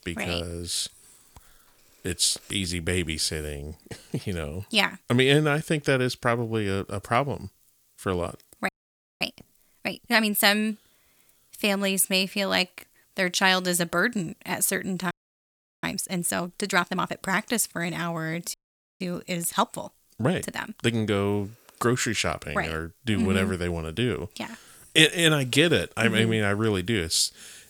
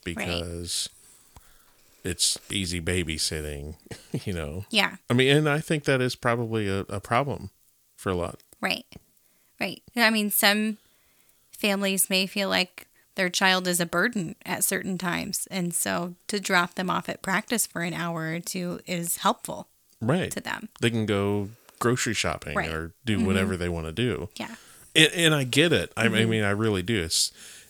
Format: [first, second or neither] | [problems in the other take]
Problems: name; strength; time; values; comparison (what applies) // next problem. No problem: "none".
second | audio freezing; at 8.5 s for 0.5 s, at 15 s for 0.5 s and at 19 s